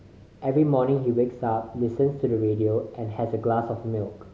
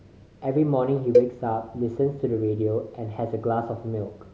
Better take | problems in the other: first | background sound (Cowbell); 1 dB below the speech

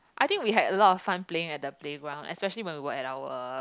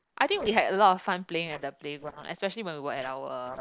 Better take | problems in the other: first | noise reduction (neural separator model SepFormer DNS4)

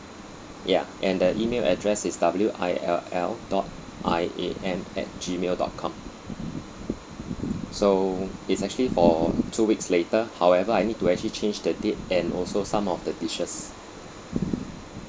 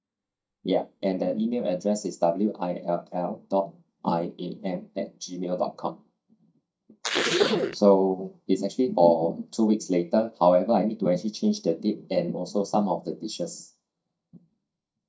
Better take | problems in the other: first | noise reduction (neural mask model DeepFilterNet 3)

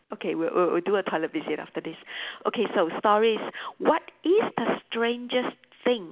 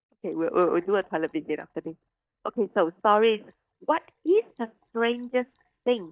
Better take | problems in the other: first | noise reduction (neural mask model DeepFilterNet 3)

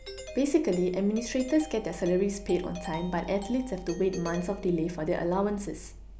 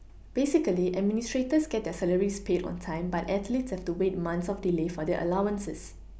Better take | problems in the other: second | background sound (Doorbell); 17 dB below the speech

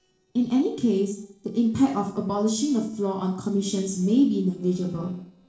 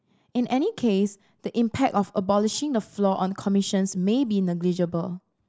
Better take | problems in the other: second | noise reduction (neural separator model SepFormer DNS4)

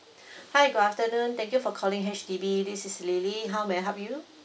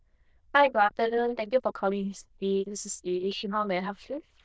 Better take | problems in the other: first | noise reduction (neural diffusion model UNIVERSE++)

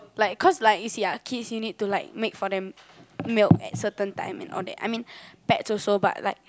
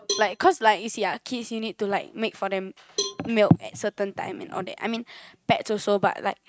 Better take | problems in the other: first | noise reduction (neural mask model RNNoise)

